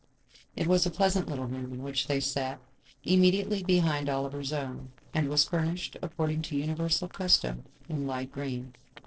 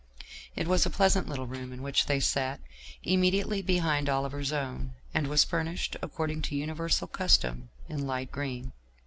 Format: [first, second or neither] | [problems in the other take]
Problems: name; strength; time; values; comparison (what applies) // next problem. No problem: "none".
second | noise reduction (neural separator model SepFormer DNS4)